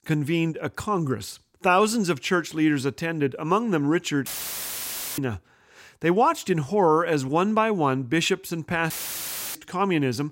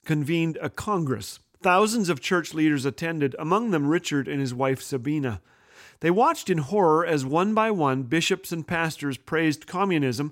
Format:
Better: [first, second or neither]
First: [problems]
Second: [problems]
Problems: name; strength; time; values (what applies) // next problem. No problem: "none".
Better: second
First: audio cutting out; filled with static; at 4.5 s for 1 s and at 9 s for 0.5 s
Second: none